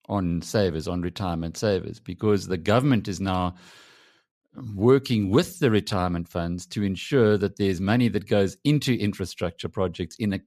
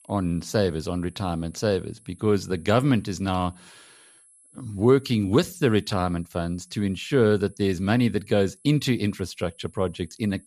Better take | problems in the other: first | high-pitched whine; faint; throughout; 11 kHz, 30 dB below the speech

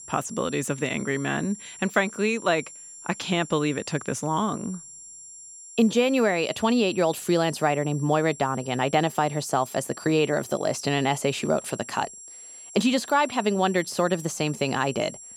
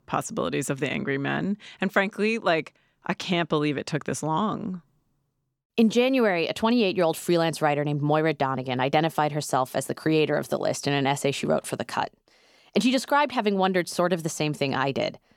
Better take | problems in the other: second | high-pitched whine; noticeable; throughout; 7.5 kHz, 15 dB below the speech

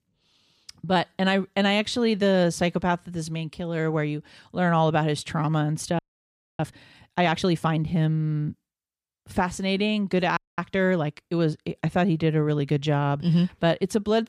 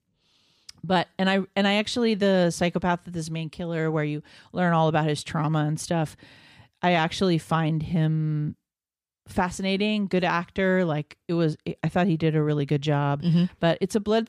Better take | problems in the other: second | audio freezing; at 6 s for 0.5 s and at 10 s

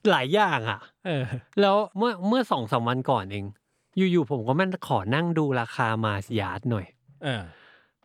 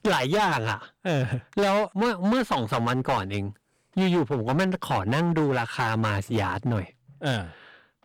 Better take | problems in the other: first | distortion; heavy; 13% of the sound clipped

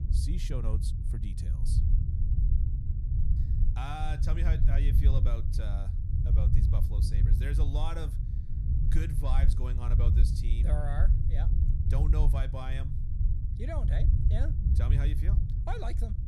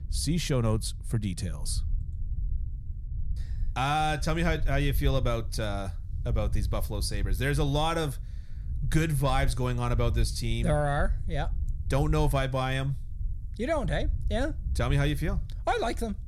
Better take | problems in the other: second | low rumble; loud; throughout; 3 dB below the speech; faint in the second

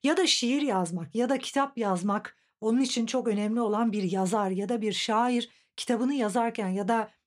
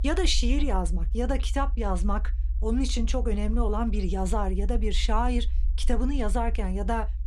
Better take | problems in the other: first | low rumble; faint; throughout; 20 dB below the speech

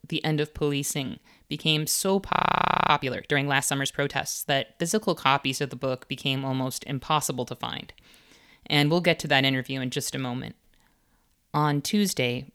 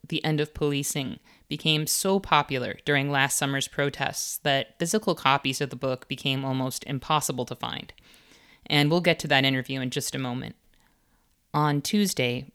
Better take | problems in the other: second | audio freezing; at 2.5 s for 0.5 s

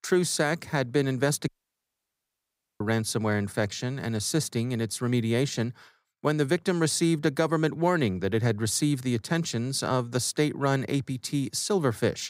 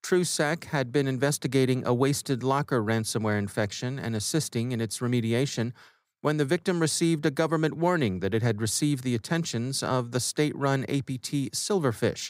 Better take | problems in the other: second | audio cutting out; at 1.5 s for 1.5 s

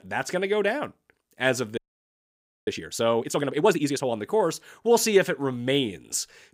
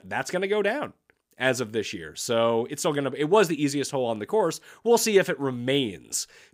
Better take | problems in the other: second | audio freezing; at 2 s for 1 s

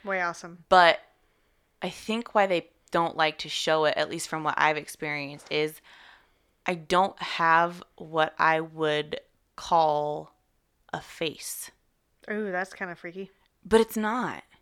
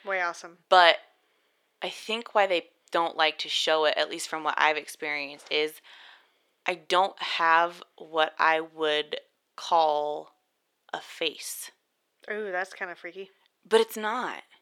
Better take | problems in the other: first | thin; somewhat; fading below 400 Hz

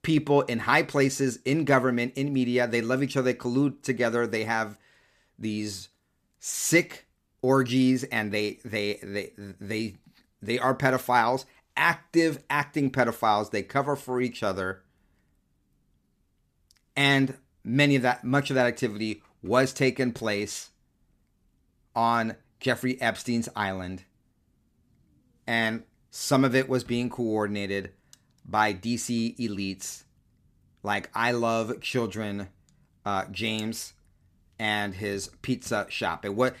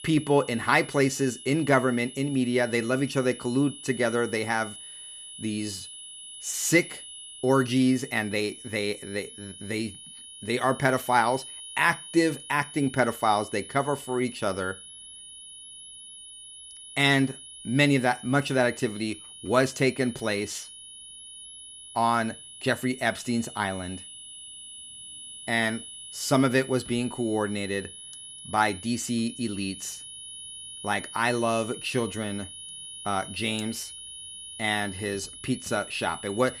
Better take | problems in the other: first | high-pitched whine; noticeable; throughout; 3 kHz, 15 dB below the speech

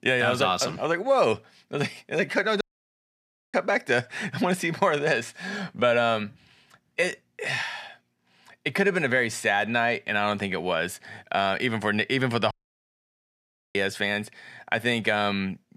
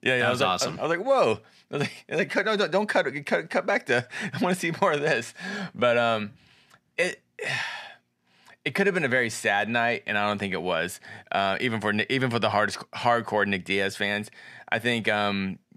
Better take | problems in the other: second | audio cutting out; at 2.5 s for 1 s and at 13 s for 1 s

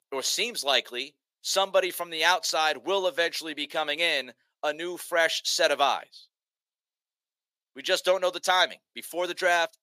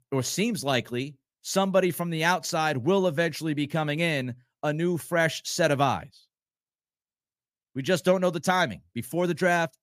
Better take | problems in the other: second | thin; very; fading below 450 Hz

